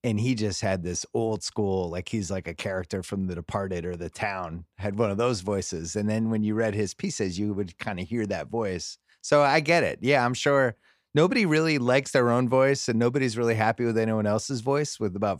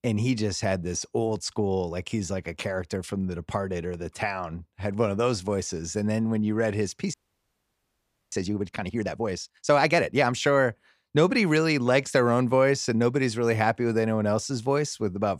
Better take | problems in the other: first | audio freezing; at 7 s for 1 s

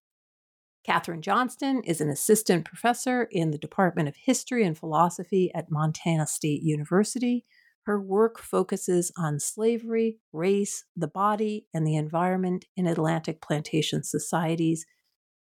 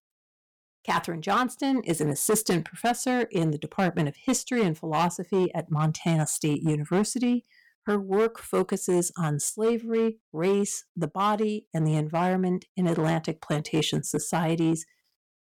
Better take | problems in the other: first | distortion; slight; 6% of the sound clipped

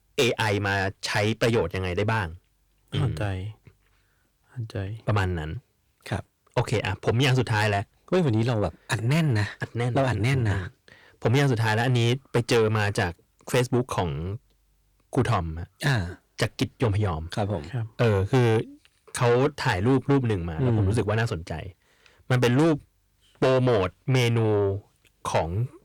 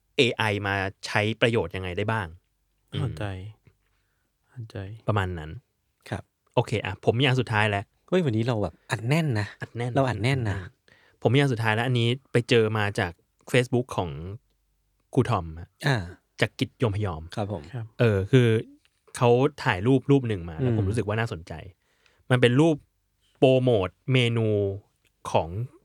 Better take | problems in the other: second | distortion; heavy; 7 dB below the speech

